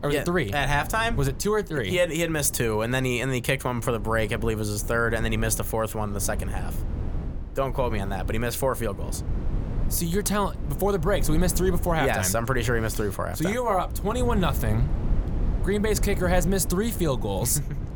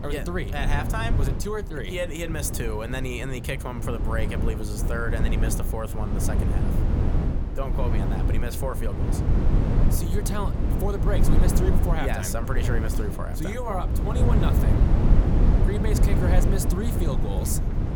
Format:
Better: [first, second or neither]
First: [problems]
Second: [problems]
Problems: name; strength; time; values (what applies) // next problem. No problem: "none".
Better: first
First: wind noise on the microphone; occasional gusts; 15 dB below the speech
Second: wind noise on the microphone; heavy; 3 dB below the speech